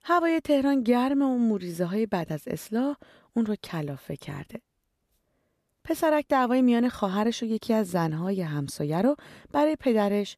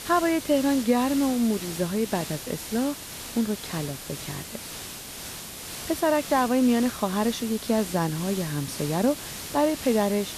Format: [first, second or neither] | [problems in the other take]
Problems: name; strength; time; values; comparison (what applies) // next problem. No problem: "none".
first | hiss; loud; throughout; 10 dB below the speech